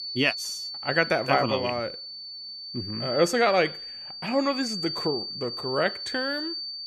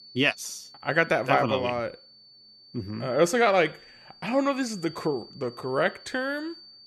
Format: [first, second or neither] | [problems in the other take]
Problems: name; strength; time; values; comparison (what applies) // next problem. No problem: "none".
second | high-pitched whine; loud; throughout; 4.5 kHz, 6 dB below the speech; faint in the second